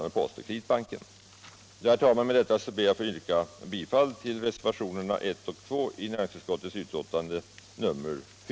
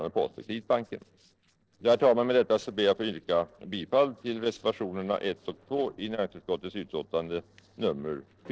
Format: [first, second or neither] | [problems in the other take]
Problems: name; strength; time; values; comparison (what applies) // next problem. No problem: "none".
first | noise reduction (neural separator model SepFormer DNS4)